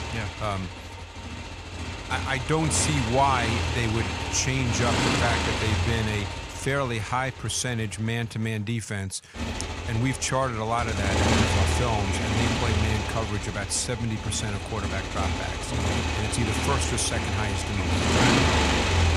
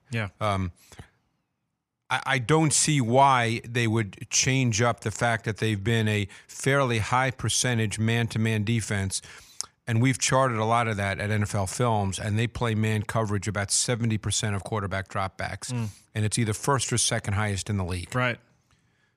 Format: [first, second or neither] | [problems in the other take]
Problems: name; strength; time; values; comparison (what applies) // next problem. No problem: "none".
second | traffic noise; very loud; throughout; 1 dB above the speech